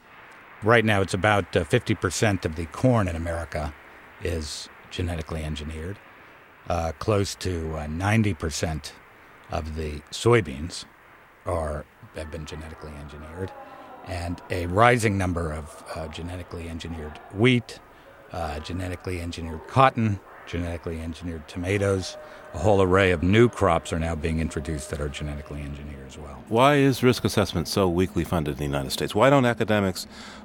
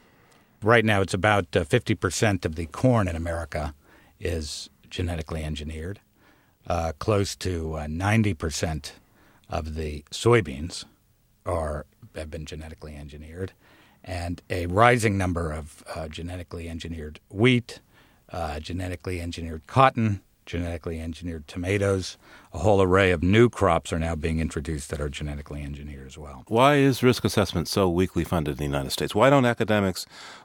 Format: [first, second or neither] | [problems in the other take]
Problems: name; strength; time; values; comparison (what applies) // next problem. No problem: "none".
second | crowd noise; faint; throughout; 20 dB below the speech